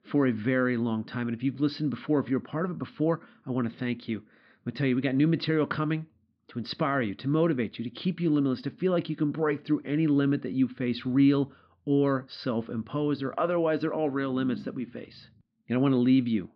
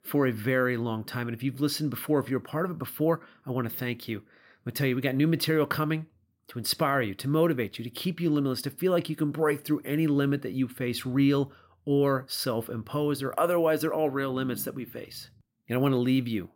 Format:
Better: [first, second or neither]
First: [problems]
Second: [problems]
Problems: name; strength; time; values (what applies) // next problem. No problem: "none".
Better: second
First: muffled; very slightly; fading above 4 kHz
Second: none